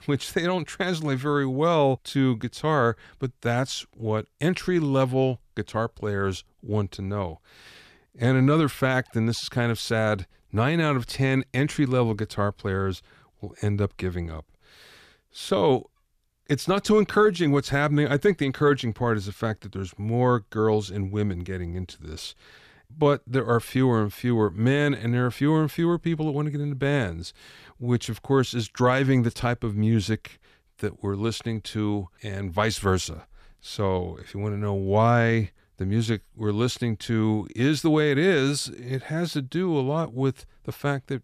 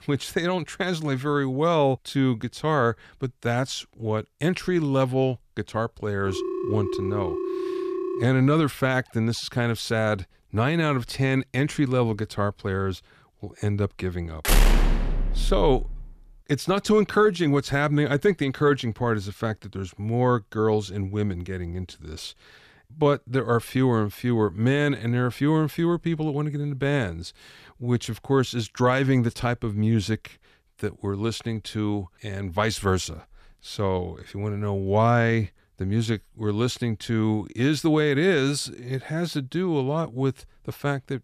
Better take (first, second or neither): first